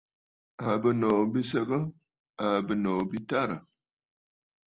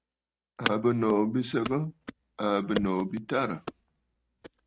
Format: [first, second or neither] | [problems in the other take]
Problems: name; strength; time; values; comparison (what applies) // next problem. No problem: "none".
first | noise reduction (neural mask model RNNoise)